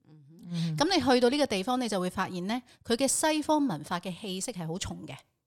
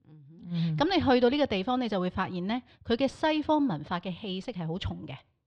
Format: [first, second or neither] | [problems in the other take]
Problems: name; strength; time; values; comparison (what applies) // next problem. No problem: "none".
first | muffled; slightly; fading above 3.5 kHz